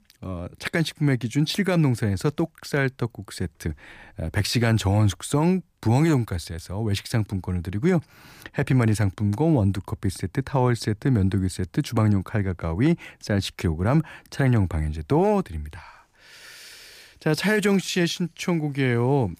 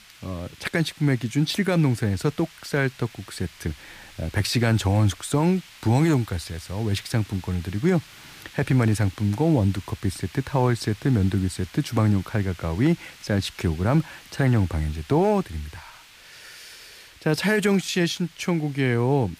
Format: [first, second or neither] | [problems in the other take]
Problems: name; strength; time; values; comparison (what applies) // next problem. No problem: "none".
first | hiss; faint; throughout; 20 dB below the speech